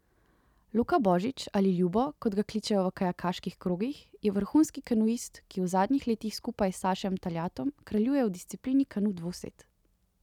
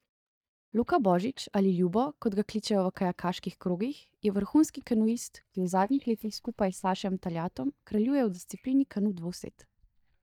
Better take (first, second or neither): first